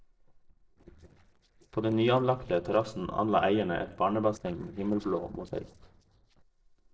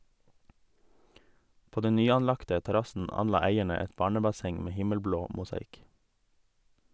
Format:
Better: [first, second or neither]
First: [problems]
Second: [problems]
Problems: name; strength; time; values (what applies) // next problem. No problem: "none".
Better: second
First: noise reduction (neural separator model SepFormer DNS4)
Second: none